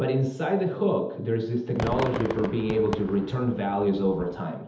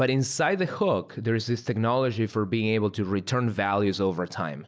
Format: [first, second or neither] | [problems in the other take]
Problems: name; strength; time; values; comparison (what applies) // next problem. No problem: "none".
second | background sound (Fireworks); 10 dB below the speech // room echo; dies away in 0.8 s